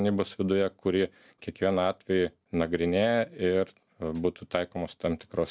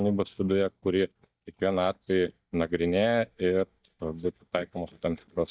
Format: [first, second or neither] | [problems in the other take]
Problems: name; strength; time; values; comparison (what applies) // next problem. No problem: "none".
first | noise reduction (neural mask model DeepFilterNet 3)